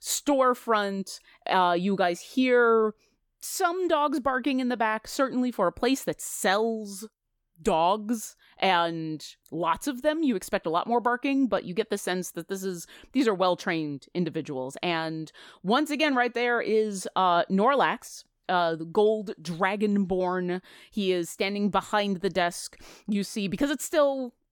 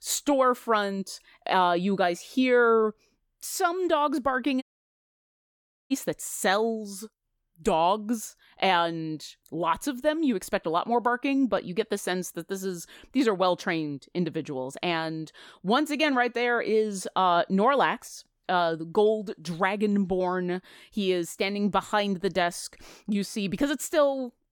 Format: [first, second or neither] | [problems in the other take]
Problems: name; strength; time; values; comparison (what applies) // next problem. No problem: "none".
first | audio cutting out; at 4.5 s for 1.5 s